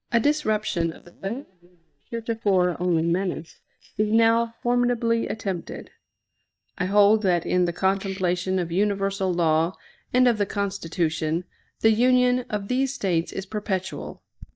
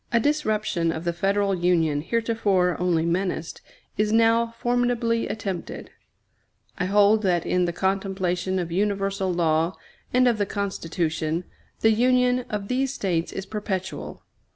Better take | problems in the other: second | noise reduction (neural mask model DeepFilterNet 3)

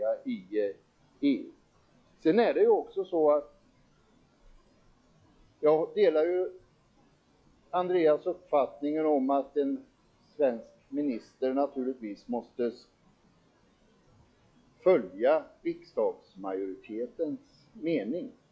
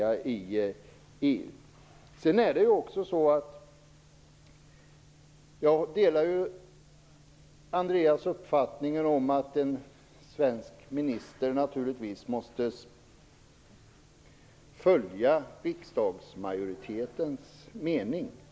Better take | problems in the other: second | noise reduction (classical method log-MMSE)

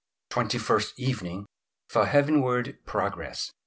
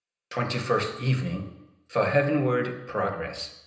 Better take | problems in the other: first | room echo; dies away in 0.9 s

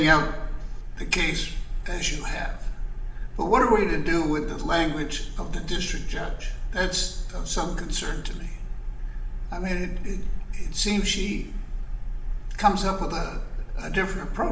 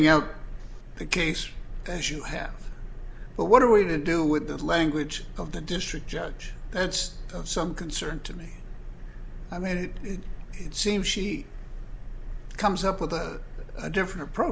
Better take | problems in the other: second | room echo; dies away in 0.7 s

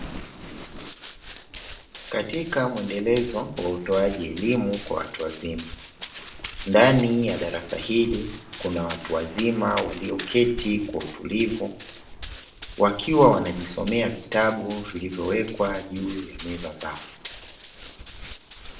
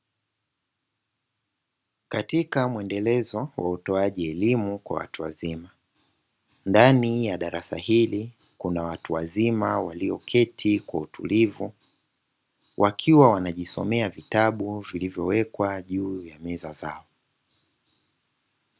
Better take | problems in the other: second | background sound (Run); 14 dB below the speech // room echo; dies away in 0.5 s

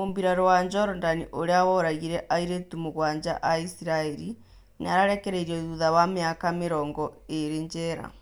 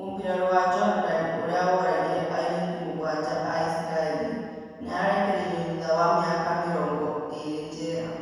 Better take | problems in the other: first | room echo; dies away in 1.9 s

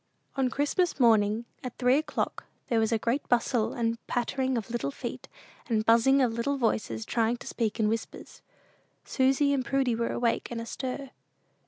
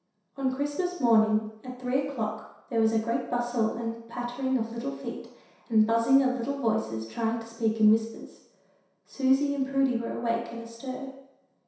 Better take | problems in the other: first | room echo; dies away in 0.7 s

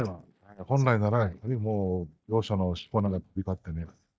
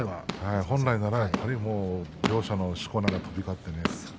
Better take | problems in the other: second | noise reduction (neural mask model DeepFilterNet 3)

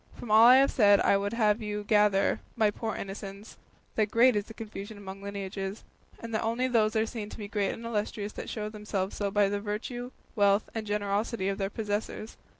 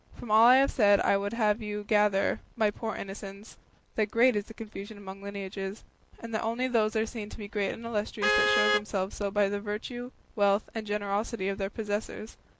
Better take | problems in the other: first | background sound (Vehicle horn, car horn, honking); 4 dB below the speech

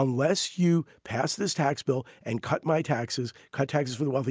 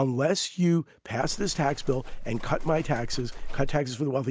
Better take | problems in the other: first | background sound (Livestock, farm animals, working animals); 4 dB below the speech

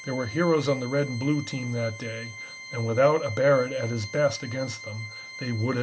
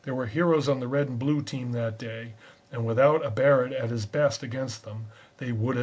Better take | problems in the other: second | background sound (Organ); 14 dB below the speech

